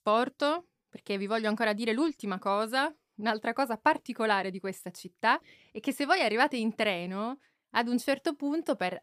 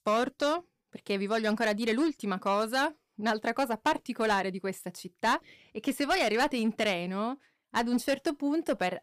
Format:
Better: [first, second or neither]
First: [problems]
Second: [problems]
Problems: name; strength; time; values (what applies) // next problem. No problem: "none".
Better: first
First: none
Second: distortion; slight; 5% of the sound clipped